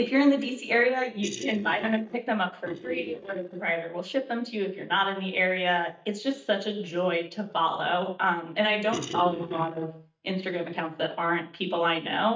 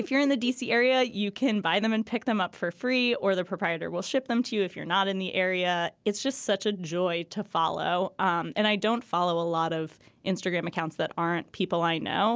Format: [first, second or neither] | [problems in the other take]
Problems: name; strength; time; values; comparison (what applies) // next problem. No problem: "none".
second | noise reduction (neural mask model DeepFilterNet 3)